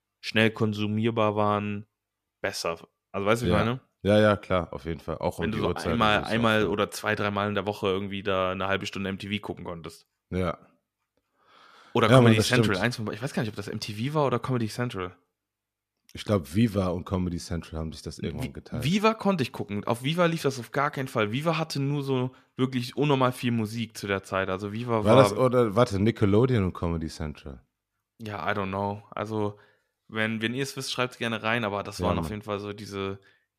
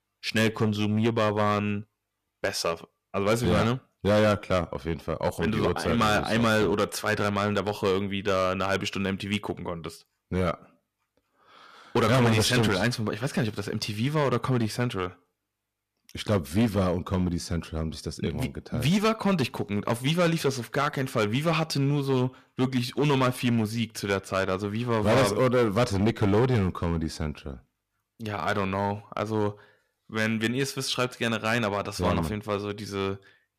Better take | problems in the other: first | distortion; heavy; 6% of the sound clipped

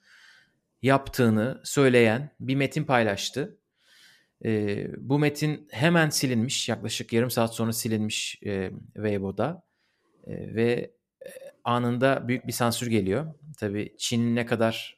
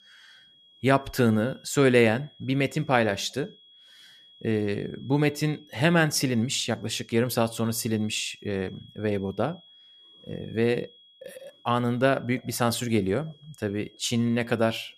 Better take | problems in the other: first | high-pitched whine; faint; throughout; 3.5 kHz, 25 dB below the speech

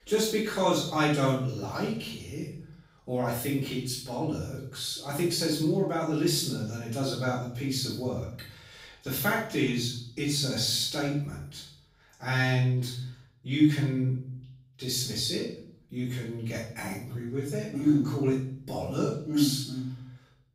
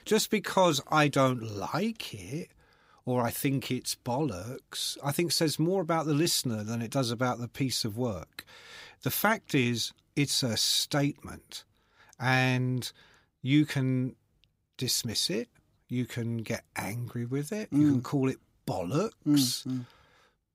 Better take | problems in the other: second | off-mic speech; far // room echo; noticeable; dies away in 0.6 s

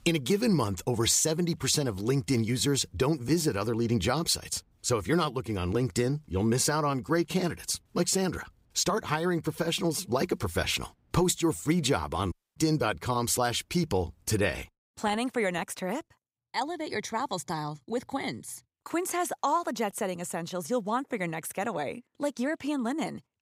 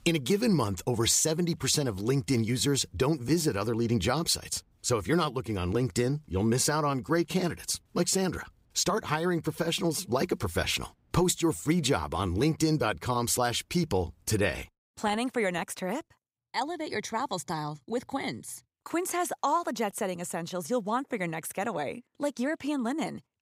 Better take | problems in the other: second | audio cutting out; at 12 s

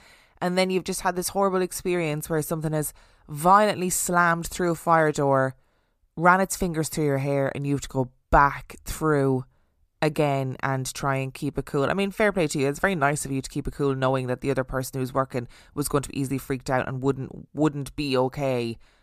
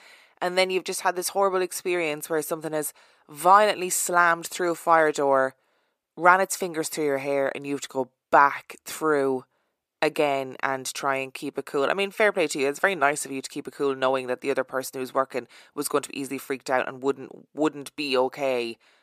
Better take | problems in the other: first | thin; somewhat; fading below 400 Hz

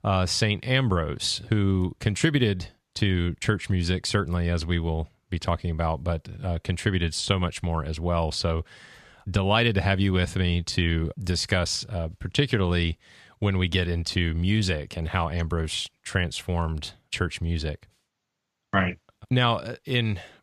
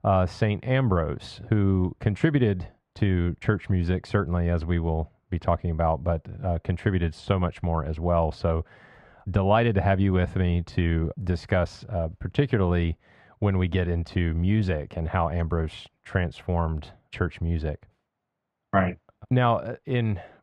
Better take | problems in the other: first | muffled; very; fading above 3 kHz

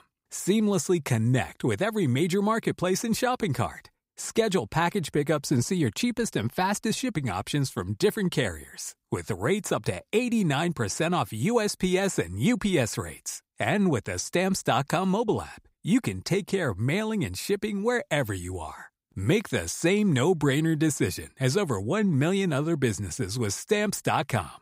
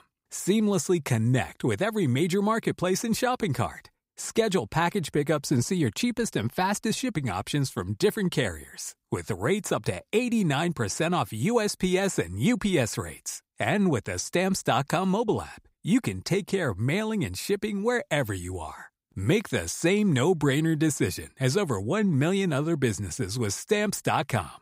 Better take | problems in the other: neither | none

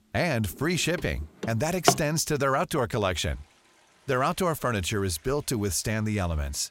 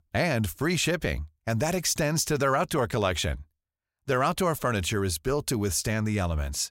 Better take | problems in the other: second | household noises; loud; throughout; 4 dB below the speech

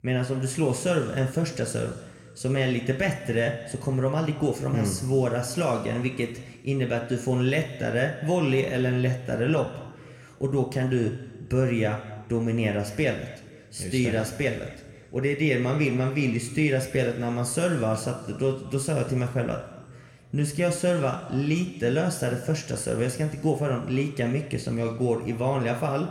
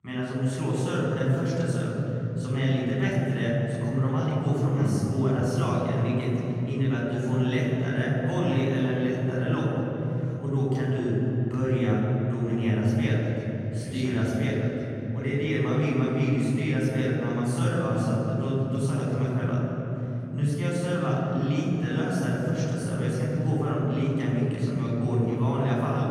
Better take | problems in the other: first | room echo; strong; dies away in 3 s; slight in the first // off-mic speech; far

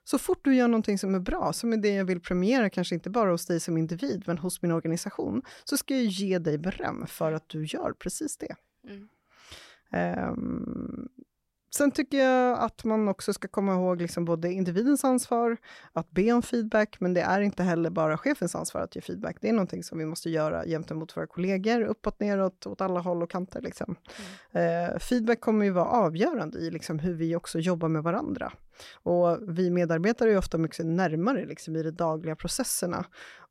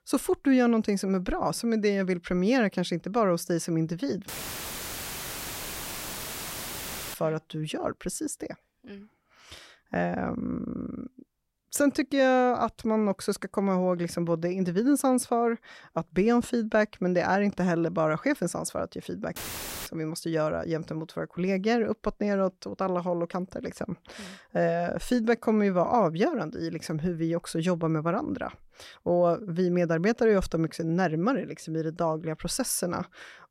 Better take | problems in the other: first | audio cutting out; filled with static; at 4.5 s for 3 s and at 19 s for 0.5 s

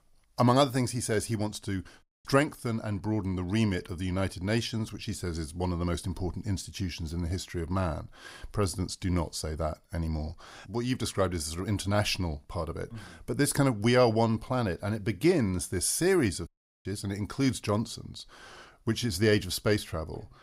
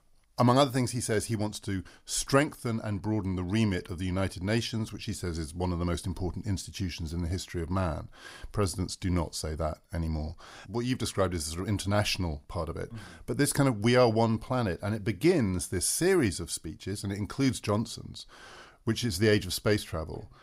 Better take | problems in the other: second | audio cutting out; at 2 s and at 16 s

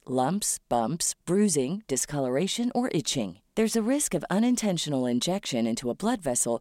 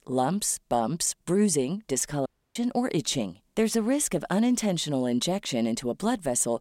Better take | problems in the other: first | audio cutting out; at 2.5 s

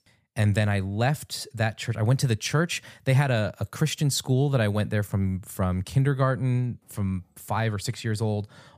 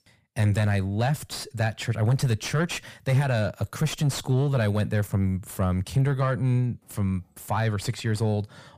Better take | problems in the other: first | distortion; slight; 10 dB below the speech

